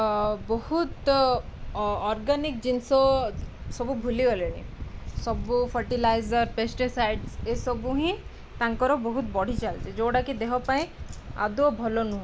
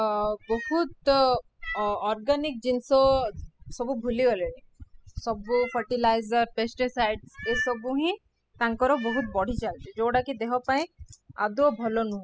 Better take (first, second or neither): first